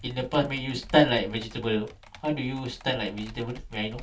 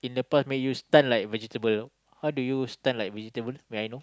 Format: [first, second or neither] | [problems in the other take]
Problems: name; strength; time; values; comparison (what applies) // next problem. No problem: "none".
second | background sound (Computer keyboard); 18 dB below the speech // room echo; dies away in 0.2 s